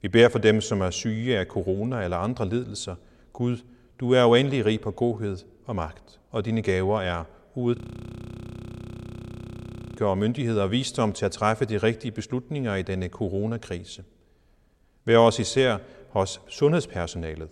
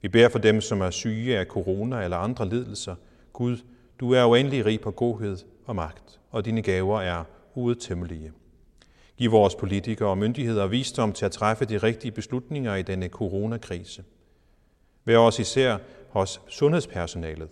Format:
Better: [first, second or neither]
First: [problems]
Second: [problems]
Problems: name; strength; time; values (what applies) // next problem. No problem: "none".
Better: second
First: audio freezing; at 8 s for 2 s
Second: none